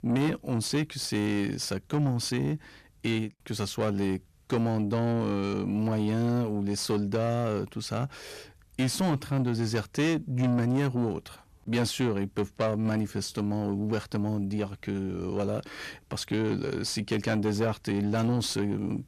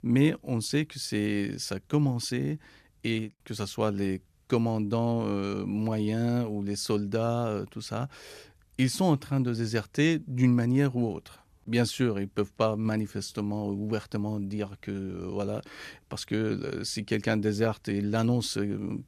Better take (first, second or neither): second